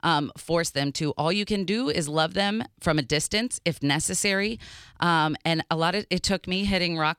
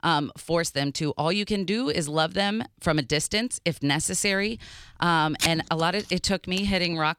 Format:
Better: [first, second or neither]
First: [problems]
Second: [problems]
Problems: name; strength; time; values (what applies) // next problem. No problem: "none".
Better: first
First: none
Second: household noises; loud; throughout; 7 dB below the speech